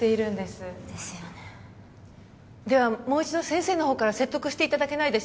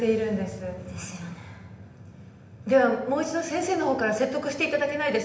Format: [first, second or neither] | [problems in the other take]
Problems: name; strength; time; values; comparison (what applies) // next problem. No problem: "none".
first | room echo; dies away in 0.8 s